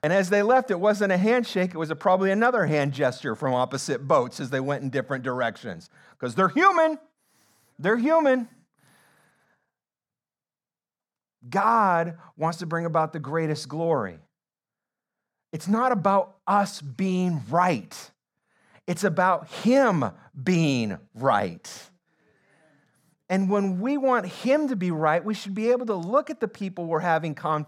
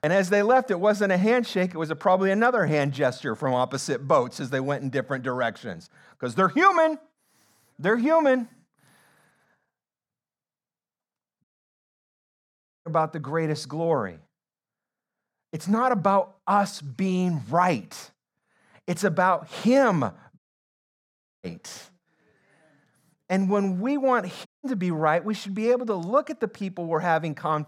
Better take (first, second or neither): first